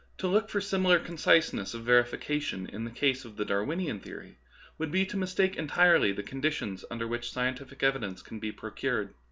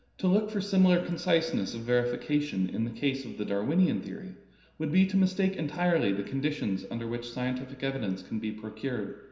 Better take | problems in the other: first | room echo; dies away in 0.9 s

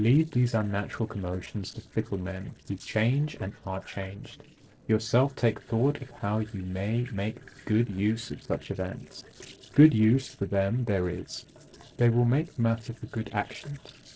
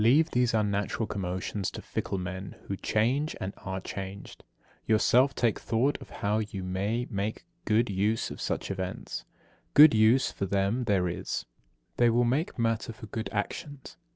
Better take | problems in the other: second | noise reduction (neural separator model SepFormer DNS4)

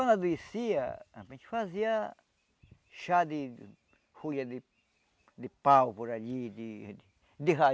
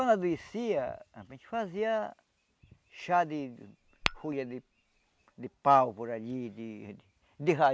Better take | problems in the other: first | background sound (Tap / Glass); 9 dB below the speech

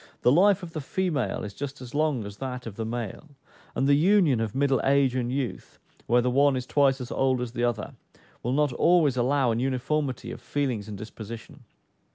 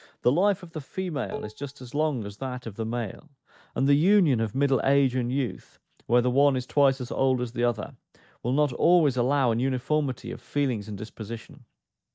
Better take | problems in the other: first | noise reduction (neural mask model DeepFilterNet 3)

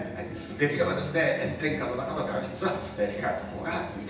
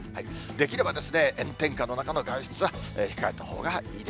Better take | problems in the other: second | room echo; dies away in 0.9 s

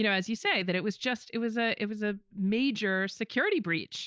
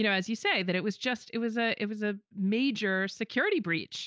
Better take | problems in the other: second | noise reduction (neural mask model Resemble Enhance denoiser)

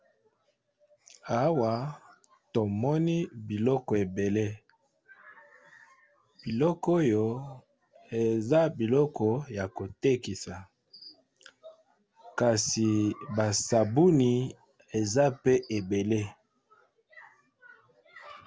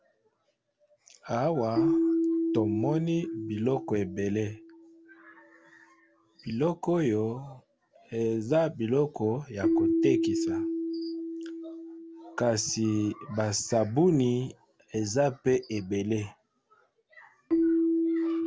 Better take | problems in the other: first | background sound (Keyboard (musical)); 2 dB below the speech

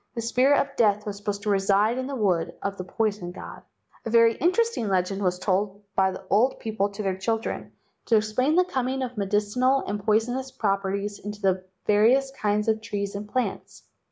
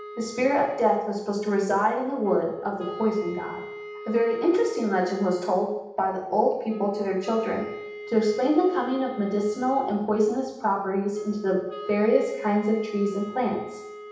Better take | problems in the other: first | background sound (Wind instrument, woodwind instrument); 15 dB below the speech // room echo; dies away in 0.8 s

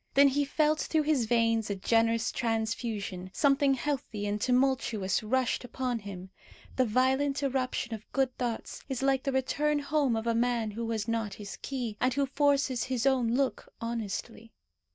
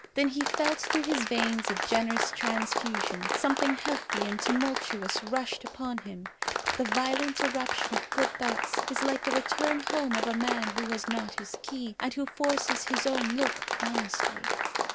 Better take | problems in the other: first | background sound (Applause); as loud as the speech

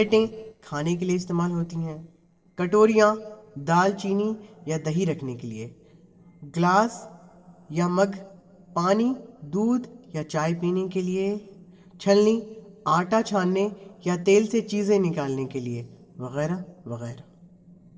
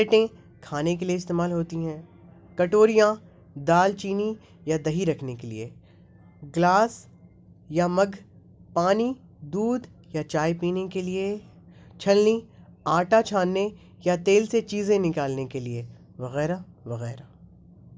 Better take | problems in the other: second | noise reduction (neural separator model SepFormer DNS4)

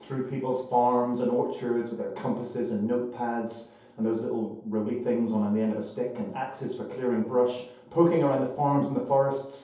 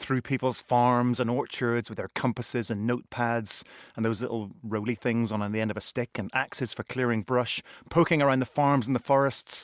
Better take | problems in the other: second | room echo; dies away in 0.7 s

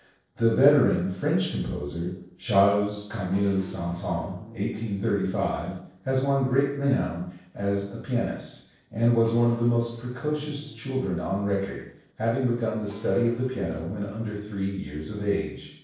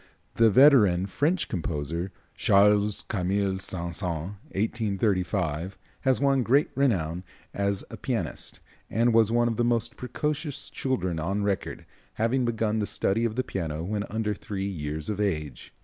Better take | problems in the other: second | noise reduction (neural separator model SepFormer DNS4)

